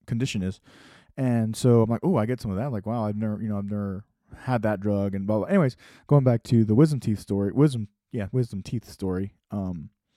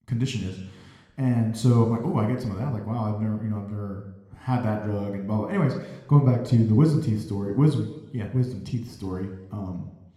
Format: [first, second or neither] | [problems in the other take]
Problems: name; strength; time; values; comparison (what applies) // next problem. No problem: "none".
first | room echo; slight; dies away in 1 s